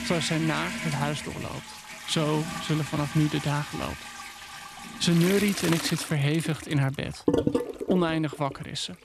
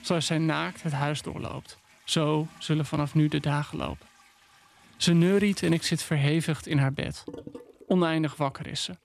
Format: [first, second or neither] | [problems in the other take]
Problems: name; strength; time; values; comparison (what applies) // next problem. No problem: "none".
second | household noises; loud; throughout; 6 dB below the speech; faint in the second